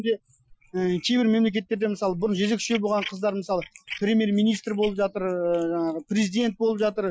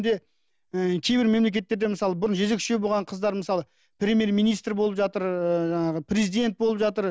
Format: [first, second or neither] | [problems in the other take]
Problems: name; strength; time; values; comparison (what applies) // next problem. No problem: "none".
second | noise reduction (classical method Wiener filter)